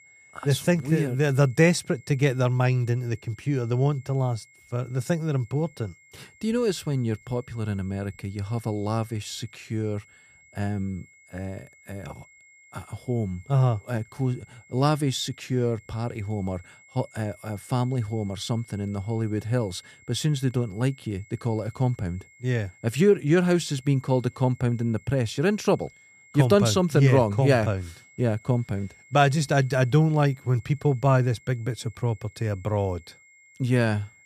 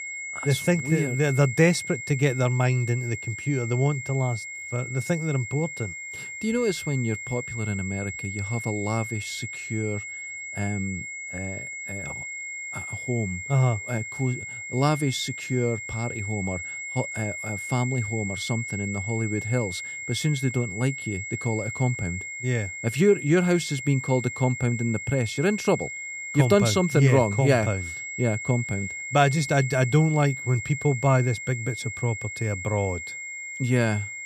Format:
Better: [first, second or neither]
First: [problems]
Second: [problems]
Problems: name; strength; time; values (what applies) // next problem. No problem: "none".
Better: first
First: high-pitched whine; faint; throughout; 2 kHz, 25 dB below the speech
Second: high-pitched whine; loud; throughout; 2 kHz, 7 dB below the speech